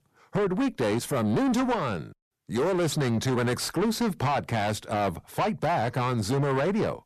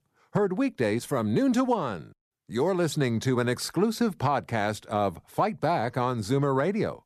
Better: second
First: distortion; heavy; 7 dB below the speech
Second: none

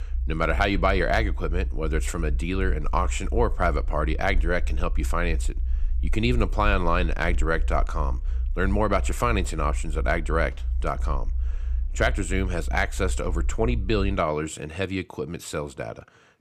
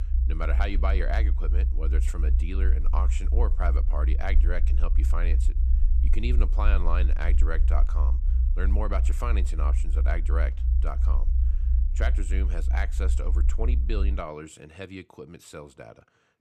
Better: first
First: low rumble; faint; until 14 s; 25 dB below the speech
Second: low rumble; loud; until 14 s; 10 dB below the speech

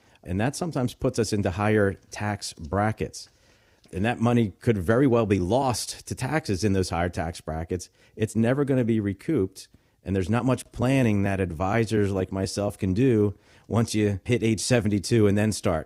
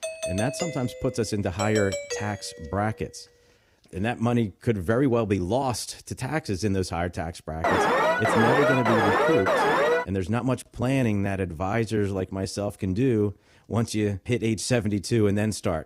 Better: first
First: none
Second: doorbell; noticeable; until 3 s; peak 4 dB below the speech // alarm; loud; from 7.5 to 10 s; peak 6 dB above the speech

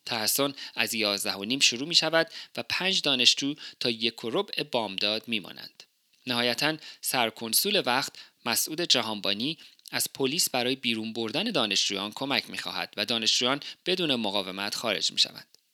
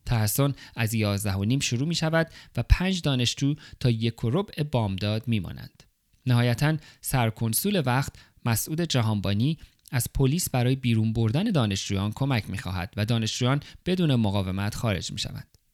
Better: second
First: thin; somewhat; fading below 300 Hz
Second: none

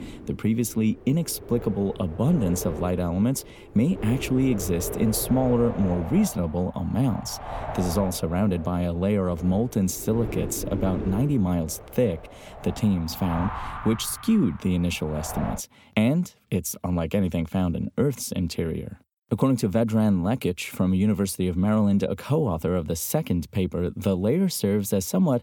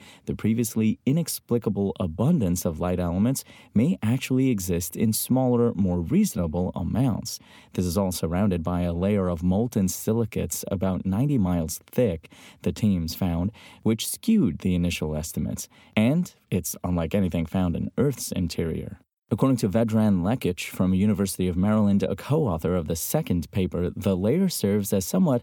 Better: second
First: wind noise on the microphone; heavy; until 16 s; 8 dB below the speech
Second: none

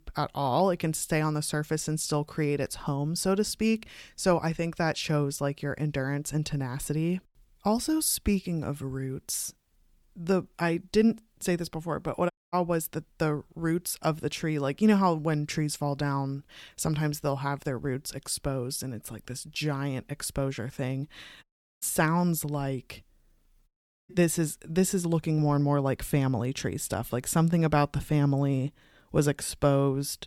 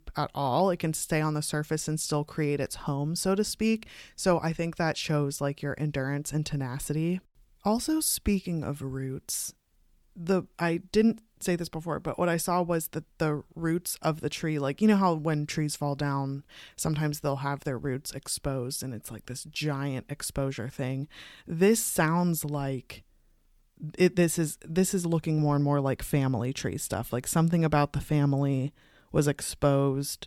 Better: second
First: audio cutting out; at 12 s, at 21 s and at 24 s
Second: none

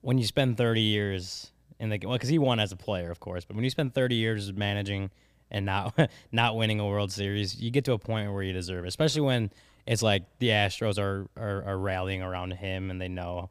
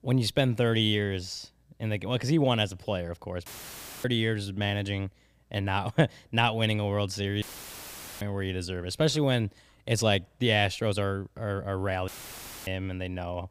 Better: first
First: none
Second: audio cutting out; filled with static; at 3.5 s for 0.5 s, at 7.5 s for 1 s and at 12 s for 0.5 s

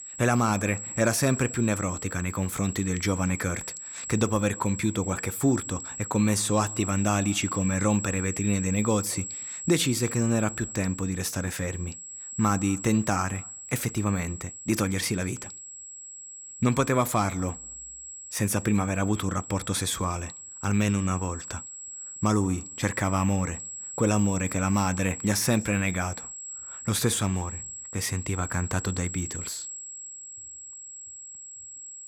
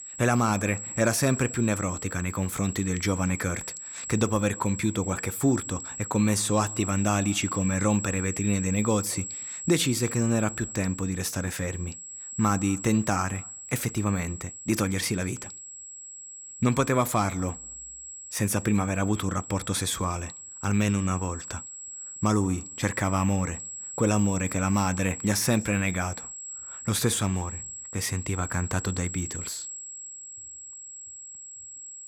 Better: neither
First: high-pitched whine; loud; throughout; 7.5 kHz, 9 dB below the speech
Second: high-pitched whine; loud; throughout; 7.5 kHz, 9 dB below the speech

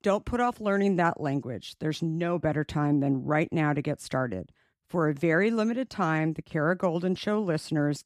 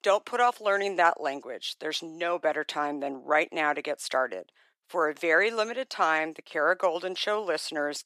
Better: first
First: none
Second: thin; very; fading below 500 Hz

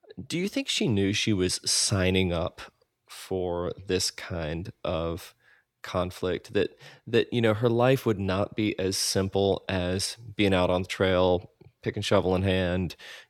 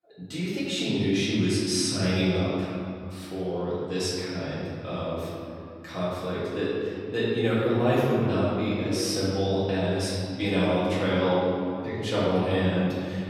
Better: first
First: none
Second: off-mic speech; far // room echo; strong; dies away in 2.4 s

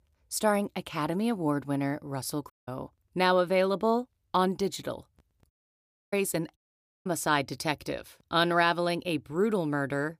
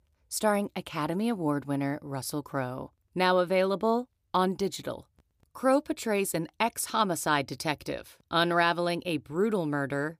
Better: second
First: audio cutting out; at 2.5 s, at 5.5 s for 0.5 s and at 6.5 s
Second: none

